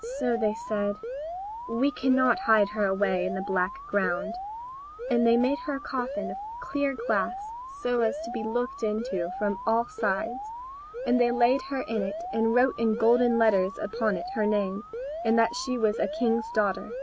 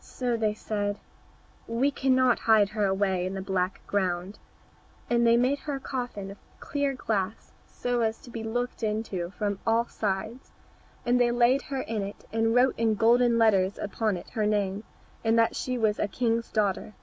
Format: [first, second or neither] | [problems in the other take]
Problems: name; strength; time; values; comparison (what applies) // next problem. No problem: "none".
second | background sound (Alarm); 9 dB below the speech